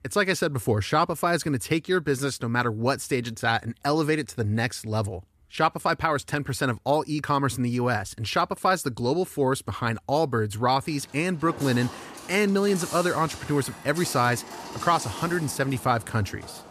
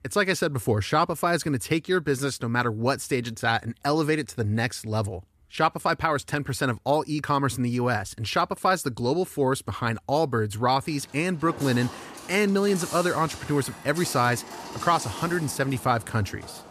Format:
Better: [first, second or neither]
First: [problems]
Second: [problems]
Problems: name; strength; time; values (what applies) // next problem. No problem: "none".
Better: neither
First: footsteps; noticeable; from 11 s on; peak 9 dB below the speech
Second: footsteps; noticeable; from 11 s on; peak 9 dB below the speech